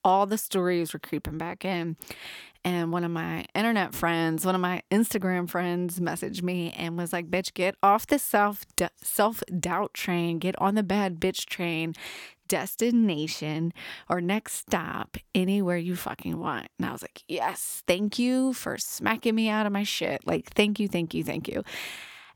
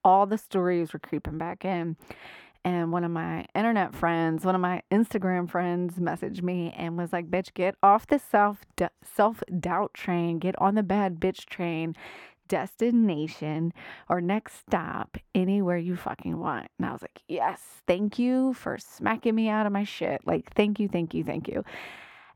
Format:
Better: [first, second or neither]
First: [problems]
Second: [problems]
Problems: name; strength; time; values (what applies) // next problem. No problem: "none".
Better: first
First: none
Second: muffled; very; fading above 3 kHz